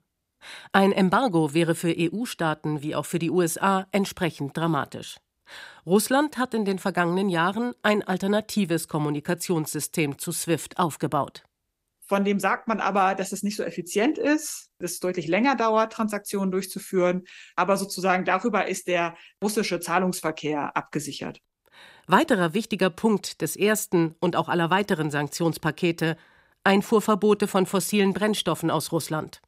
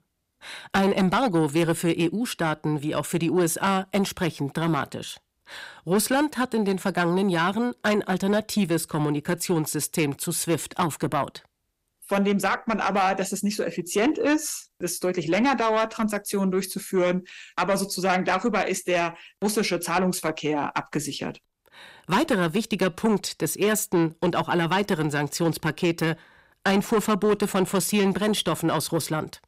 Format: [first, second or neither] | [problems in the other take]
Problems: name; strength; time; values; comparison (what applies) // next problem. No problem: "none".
first | distortion; slight; 10 dB below the speech